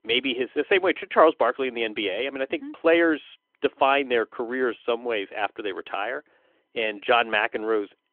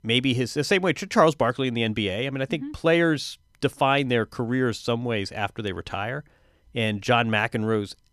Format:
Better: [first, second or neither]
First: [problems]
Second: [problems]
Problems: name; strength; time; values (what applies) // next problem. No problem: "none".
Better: second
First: phone-call audio; nothing above 3.5 kHz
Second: none